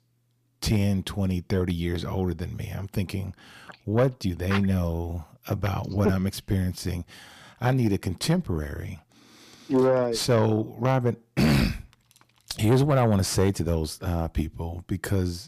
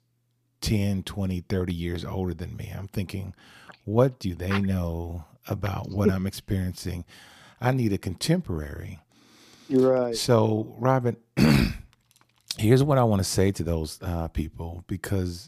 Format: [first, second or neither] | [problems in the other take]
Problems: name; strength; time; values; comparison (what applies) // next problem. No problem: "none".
second | distortion; slight; 10 dB below the speech